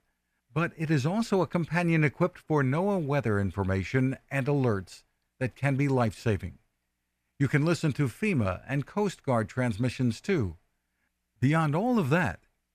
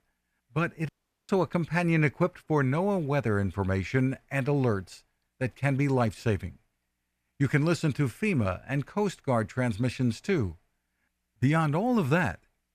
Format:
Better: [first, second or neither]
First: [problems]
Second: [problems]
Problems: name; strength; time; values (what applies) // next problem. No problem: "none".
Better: first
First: none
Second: audio cutting out; at 1 s